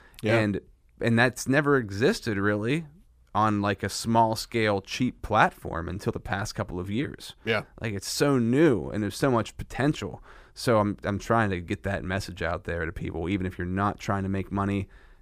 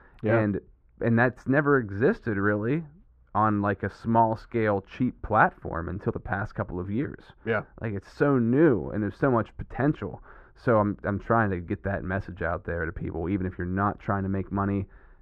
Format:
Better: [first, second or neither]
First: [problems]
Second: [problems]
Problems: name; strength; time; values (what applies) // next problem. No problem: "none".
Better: first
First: none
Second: muffled; very; fading above 3.5 kHz